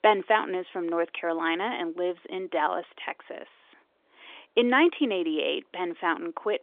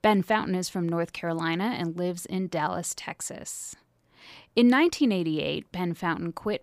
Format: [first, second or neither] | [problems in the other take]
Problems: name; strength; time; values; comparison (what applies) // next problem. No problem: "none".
second | phone-call audio; nothing above 3.5 kHz